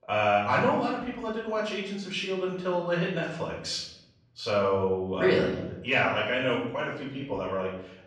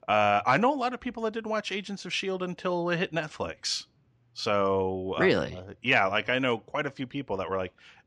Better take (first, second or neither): second